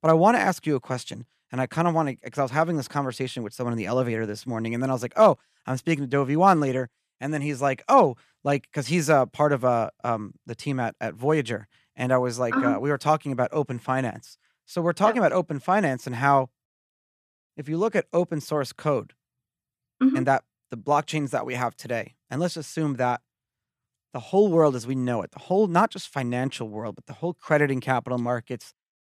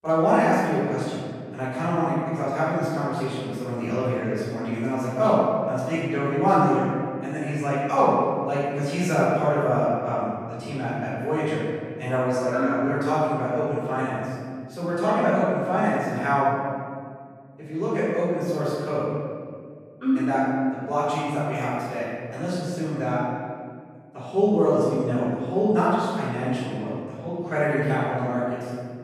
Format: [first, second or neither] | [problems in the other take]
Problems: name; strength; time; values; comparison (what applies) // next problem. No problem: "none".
first | off-mic speech; far // room echo; strong; dies away in 1.9 s